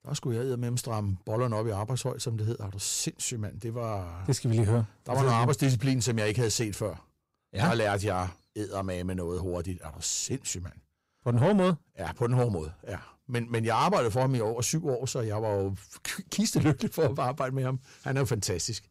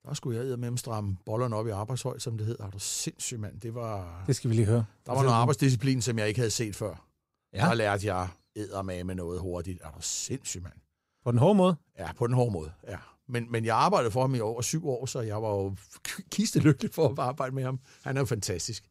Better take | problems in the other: second | distortion; slight; 10 dB below the speech

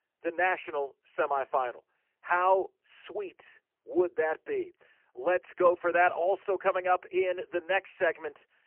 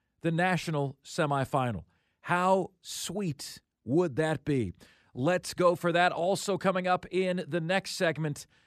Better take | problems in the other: second | phone-call audio; poor line; nothing above 3 kHz

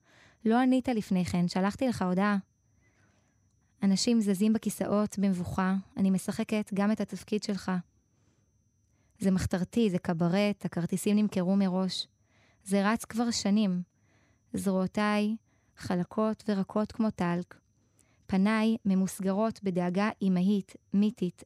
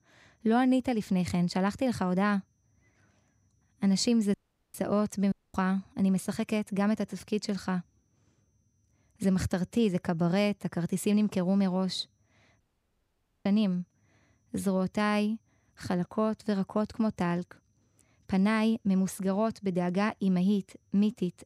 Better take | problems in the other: first | audio cutting out; at 4.5 s, at 5.5 s and at 13 s for 1 s

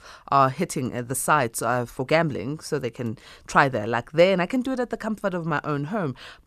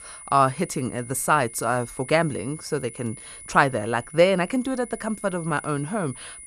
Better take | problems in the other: first | high-pitched whine; noticeable; throughout; 10 kHz, 15 dB below the speech

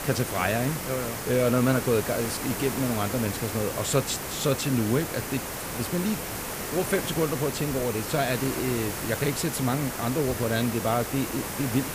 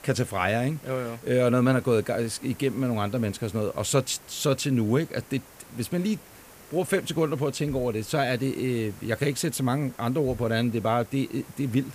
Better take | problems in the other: second | hiss; loud; throughout; 4 dB below the speech; faint in the second

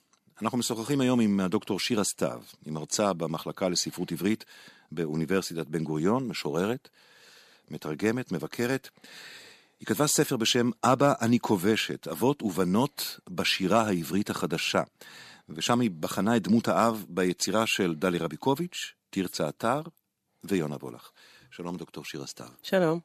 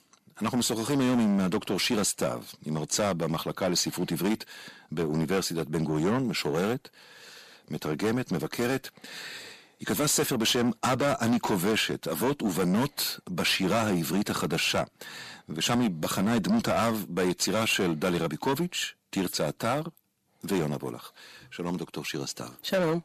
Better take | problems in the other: first | distortion; heavy; 7 dB below the speech

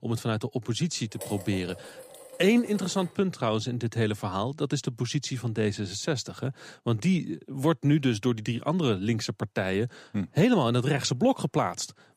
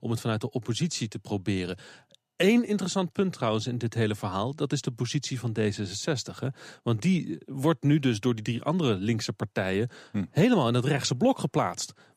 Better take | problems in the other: second | clattering dishes; faint; from 1 to 3 s; peak 10 dB below the speech

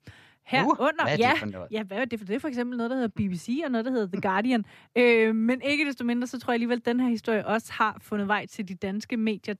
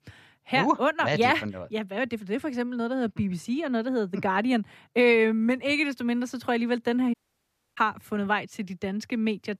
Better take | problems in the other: first | audio cutting out; at 7 s for 0.5 s

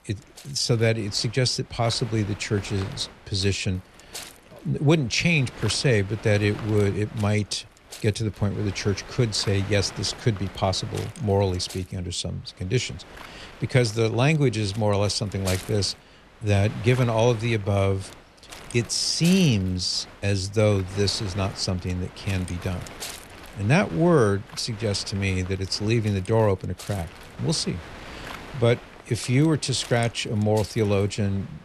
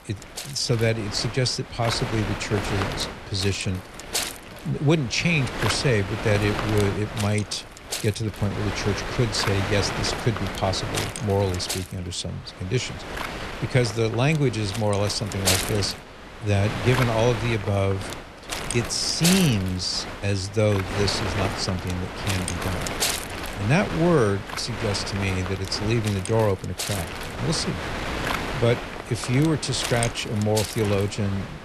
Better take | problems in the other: first | wind noise on the microphone; heavy; 3 dB below the speech; occasional gusts in the first

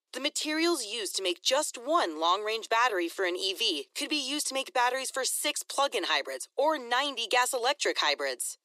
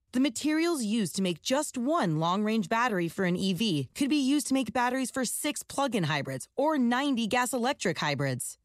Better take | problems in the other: second | thin; very; fading below 350 Hz

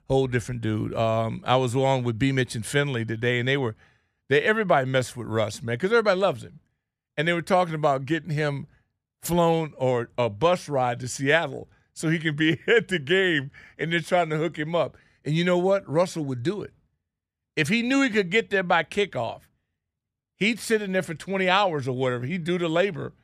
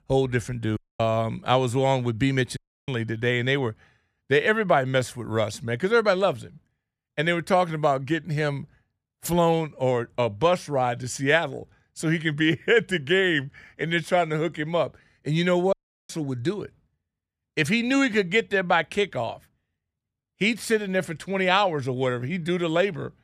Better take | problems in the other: first | audio cutting out; at 1 s, at 2.5 s and at 16 s

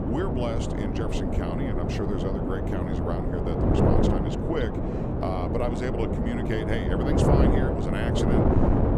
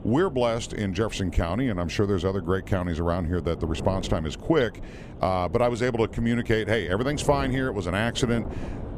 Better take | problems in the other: second | wind noise on the microphone; heavy; 3 dB above the speech; occasional gusts in the second

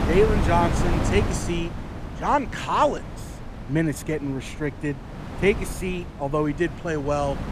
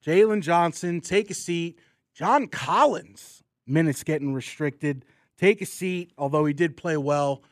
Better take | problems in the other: second | wind noise on the microphone; heavy; 9 dB below the speech

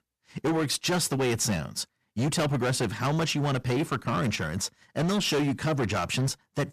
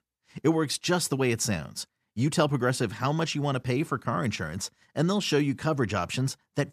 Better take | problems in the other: second | distortion; heavy; 18% of the sound clipped

